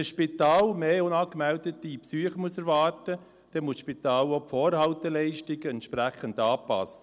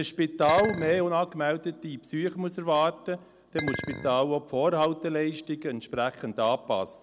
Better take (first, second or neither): first